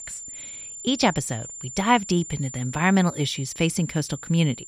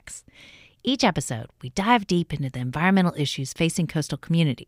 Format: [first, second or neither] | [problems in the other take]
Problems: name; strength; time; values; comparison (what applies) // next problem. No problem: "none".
second | high-pitched whine; noticeable; throughout; 7 kHz, 10 dB below the speech